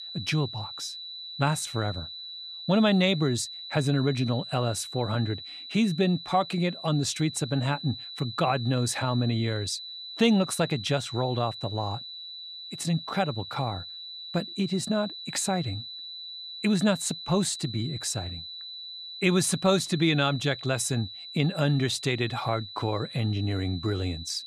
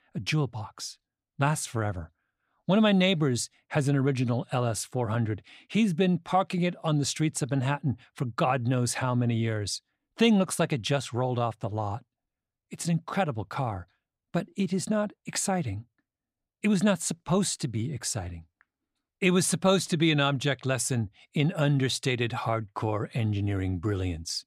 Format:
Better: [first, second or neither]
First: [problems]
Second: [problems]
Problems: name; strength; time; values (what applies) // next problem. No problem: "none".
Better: second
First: high-pitched whine; noticeable; throughout; 4 kHz, 10 dB below the speech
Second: none